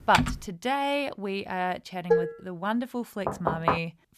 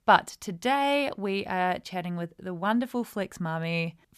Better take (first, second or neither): second